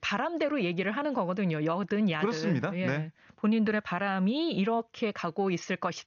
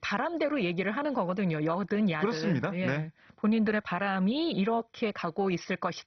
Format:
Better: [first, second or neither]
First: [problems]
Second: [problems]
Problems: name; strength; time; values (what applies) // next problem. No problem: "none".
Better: first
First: garbled, watery; slightly; nothing above 6.5 kHz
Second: garbled, watery; badly; nothing above 6 kHz